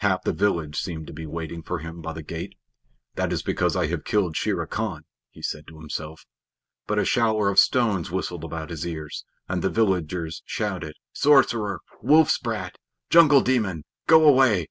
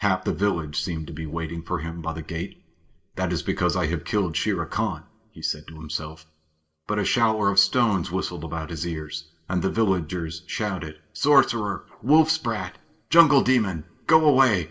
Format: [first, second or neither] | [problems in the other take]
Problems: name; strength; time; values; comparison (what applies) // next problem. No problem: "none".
first | room echo; dies away in 0.5 s